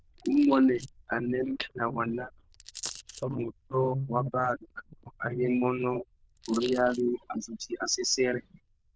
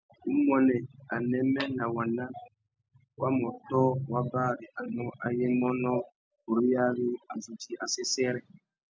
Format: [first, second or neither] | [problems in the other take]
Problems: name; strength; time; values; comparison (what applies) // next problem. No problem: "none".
second | noise reduction (neural diffusion model UNIVERSE++)